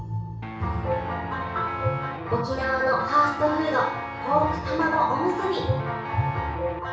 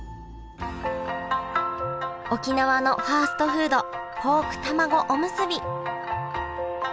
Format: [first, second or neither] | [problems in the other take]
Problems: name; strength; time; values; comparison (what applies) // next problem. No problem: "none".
second | background sound (Guitar); 11 dB below the speech // room echo; dies away in 0.6 s